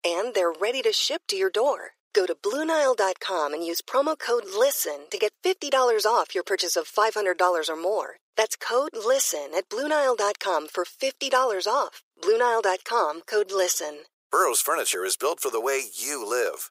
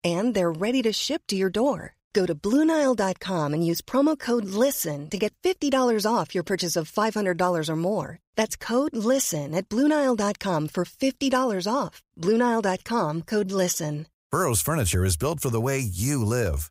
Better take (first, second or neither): second